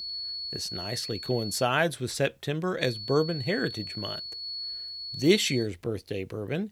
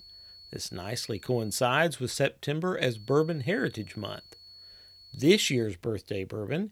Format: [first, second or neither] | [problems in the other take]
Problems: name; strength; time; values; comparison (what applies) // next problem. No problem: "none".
second | high-pitched whine; loud; until 1.5 s and from 3 to 5.5 s; 4.5 kHz, 6 dB below the speech; faint in the second